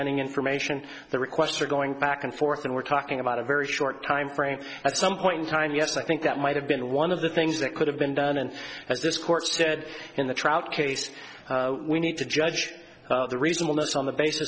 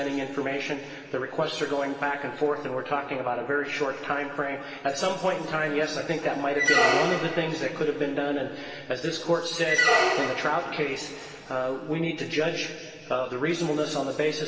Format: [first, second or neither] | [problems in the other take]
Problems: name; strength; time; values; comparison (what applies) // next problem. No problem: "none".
first | background sound (Squeak); 1 dB above the speech // room echo; dies away in 2.4 s